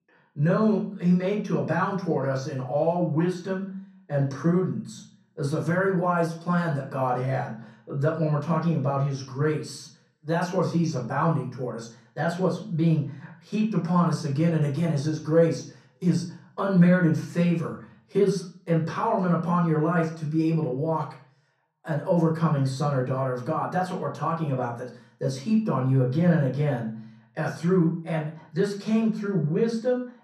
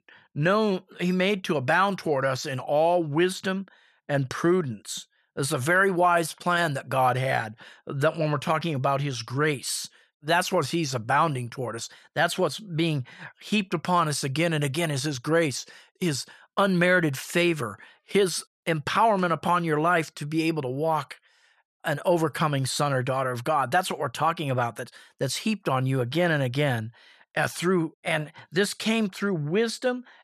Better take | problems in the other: second | room echo; noticeable; dies away in 0.6 s // off-mic speech; far

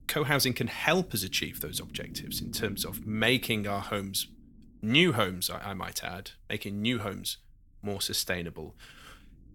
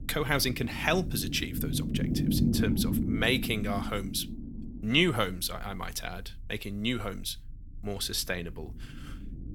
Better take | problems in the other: first | low rumble; loud; throughout; 8 dB below the speech; faint in the first

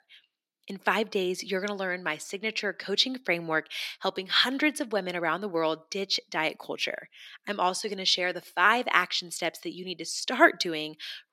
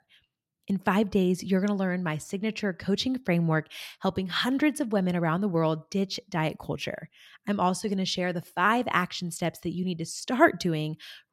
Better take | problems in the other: second | thin; somewhat; fading below 300 Hz

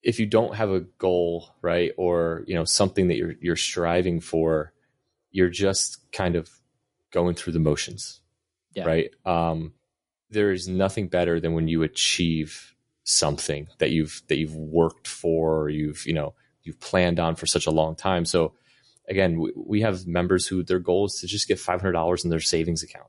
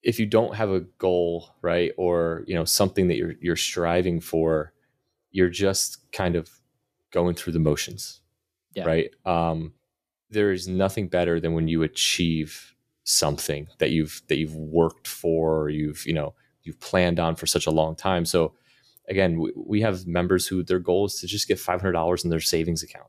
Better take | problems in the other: second | garbled, watery; slightly; nothing above 11 kHz

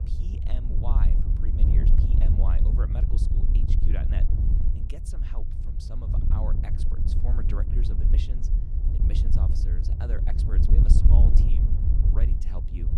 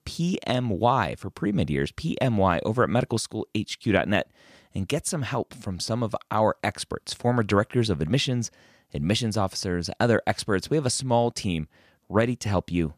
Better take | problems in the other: second | wind noise on the microphone; heavy; 2 dB above the speech

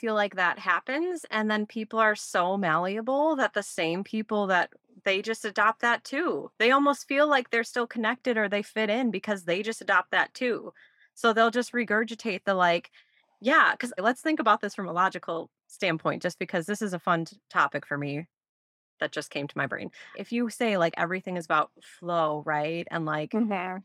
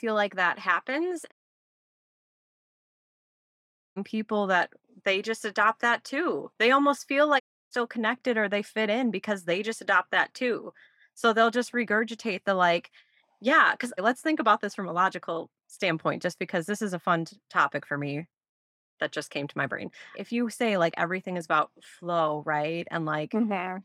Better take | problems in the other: first | audio cutting out; at 1.5 s for 2.5 s and at 7.5 s

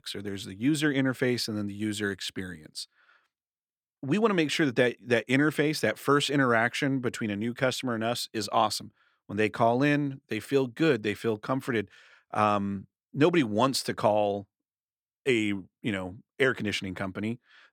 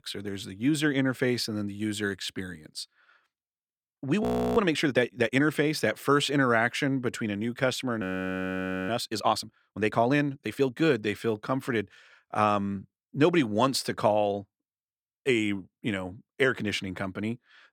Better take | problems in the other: first | audio freezing; at 4 s and at 8 s for 1 s

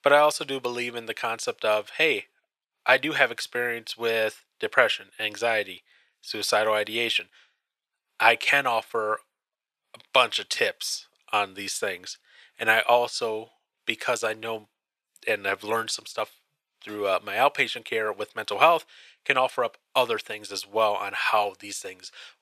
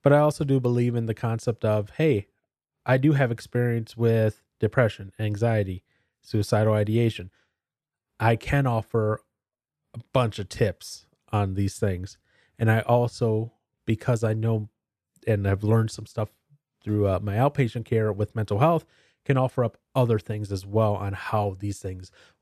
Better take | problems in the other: second | thin; very; fading below 800 Hz

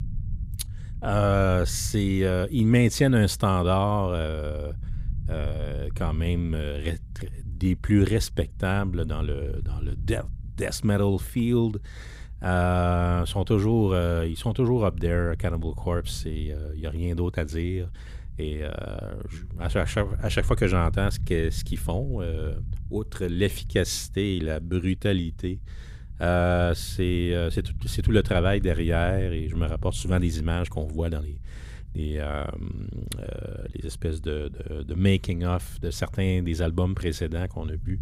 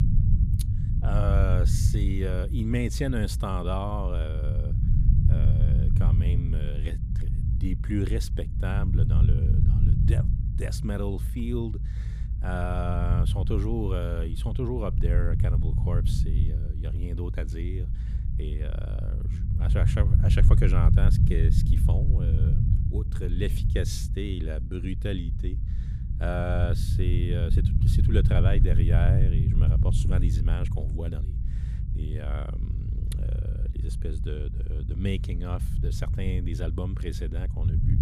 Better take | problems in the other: first | low rumble; loud; throughout; 5 dB below the speech; faint in the first

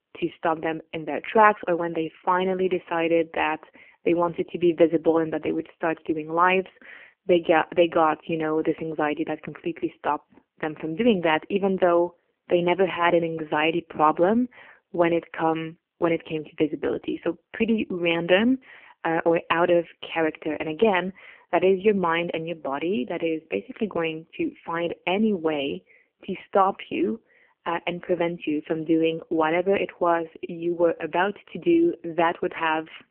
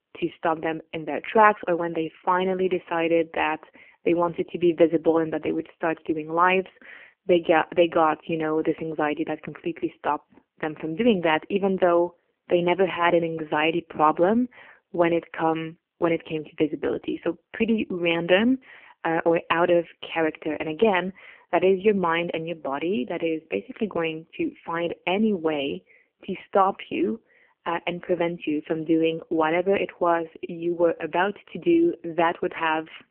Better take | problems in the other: neither | phone-call audio; poor line; nothing above 3 kHz; the same in both

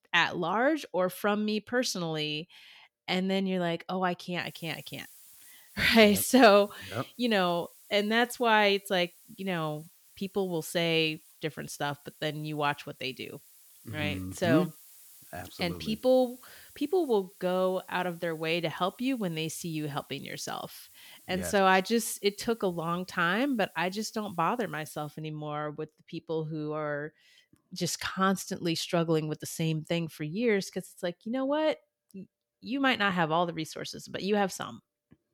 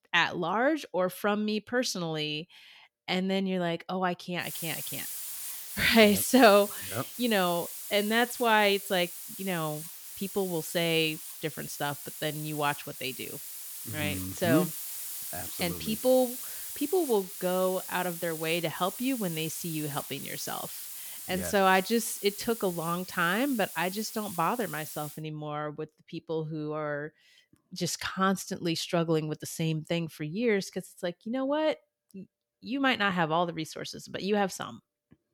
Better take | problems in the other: first | hiss; loud; from 4.5 to 25 s; 8 dB below the speech; faint in the first

